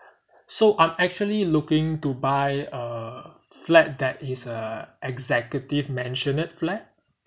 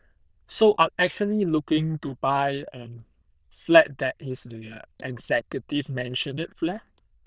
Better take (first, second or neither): first